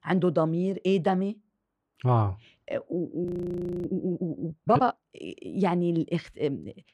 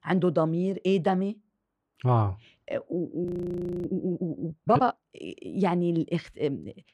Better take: neither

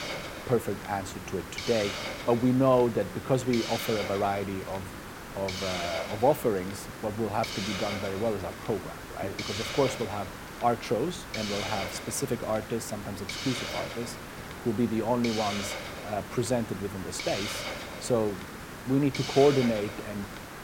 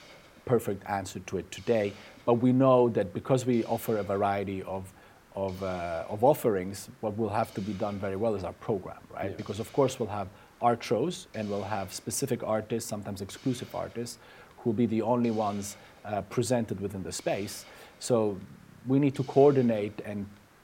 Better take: second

